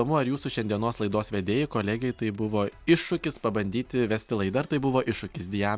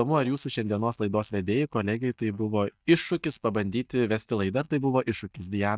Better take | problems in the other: first | noise reduction (neural mask model DeepFilterNet 3)

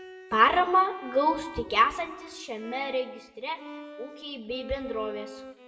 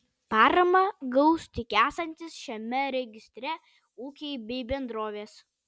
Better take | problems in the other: second | background sound (Bowed string instrument); 17 dB below the speech // room echo; dies away in 0.8 s

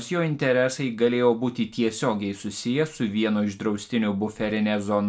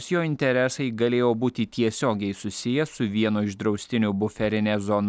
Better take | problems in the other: second | room echo; dies away in 0.2 s

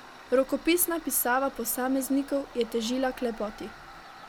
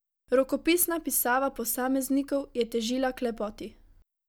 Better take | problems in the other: second | background sound (Tools); 18 dB below the speech

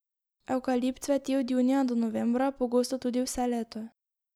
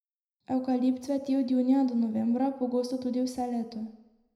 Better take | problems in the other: first | room echo; dies away in 0.7 s

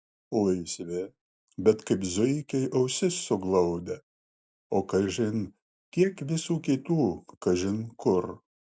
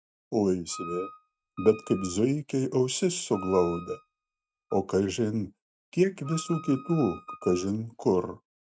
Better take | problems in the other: first | noise reduction (neural mask model RNNoise)

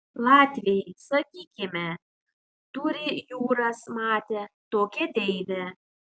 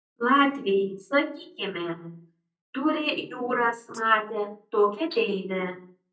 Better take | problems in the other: first | noise reduction (neural mask model DeepFilterNet 3)

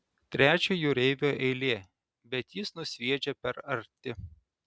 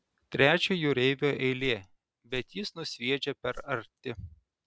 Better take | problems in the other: first | background sound (Whoosh, swoosh, swish); 17 dB below the speech

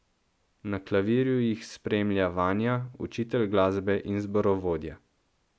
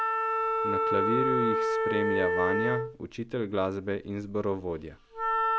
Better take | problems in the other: first | background sound (Wind instrument, woodwind instrument); 3 dB above the speech

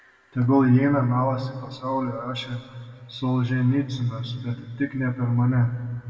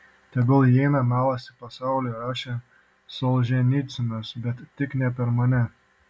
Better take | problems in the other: second | room echo; dies away in 1.9 s

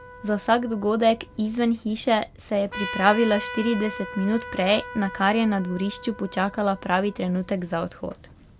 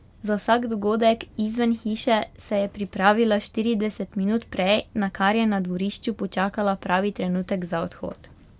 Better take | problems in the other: second | background sound (Trumpet); 14 dB below the speech

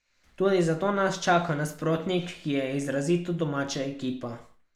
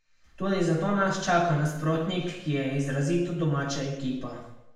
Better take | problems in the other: first | room echo; dies away in 0.7 s

